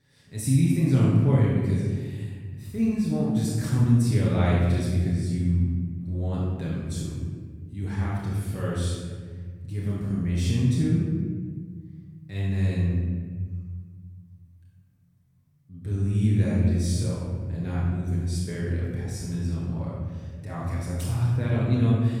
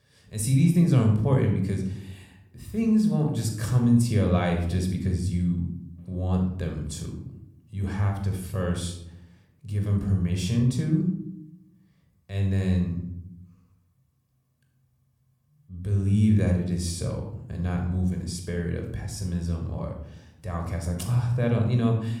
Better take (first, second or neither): second